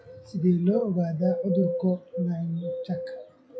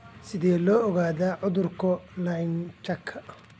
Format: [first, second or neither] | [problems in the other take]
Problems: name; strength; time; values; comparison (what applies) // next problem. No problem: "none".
second | noise reduction (classical method WPE with log-MMSE)